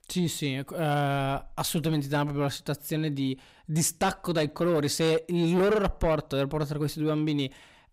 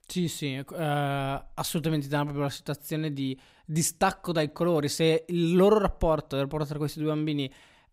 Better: second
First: distortion; slight; 10 dB below the speech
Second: none

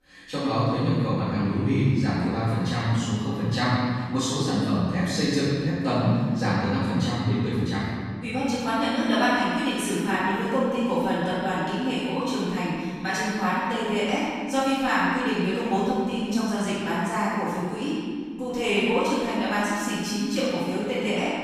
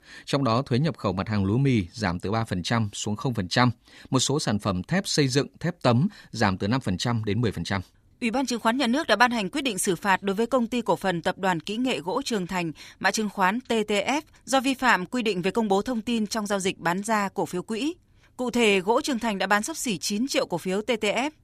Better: second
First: off-mic speech; far // room echo; strong; dies away in 2.1 s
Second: none

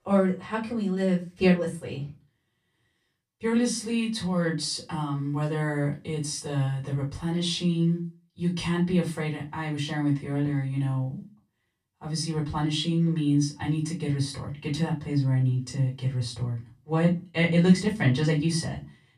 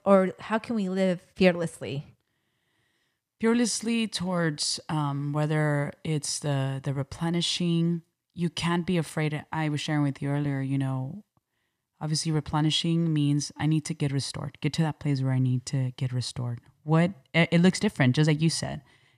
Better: second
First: off-mic speech; far // room echo; very slight; dies away in 0.2 s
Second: none

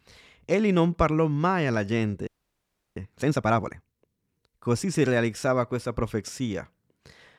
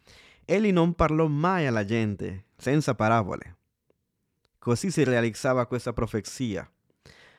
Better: second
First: audio freezing; at 2.5 s for 0.5 s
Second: none

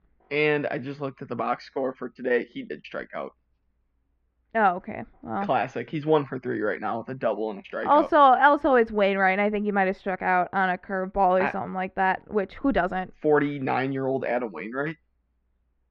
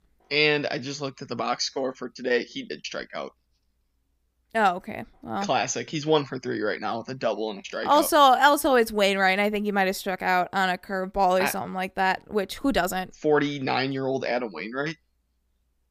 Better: second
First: muffled; very; fading above 2 kHz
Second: none

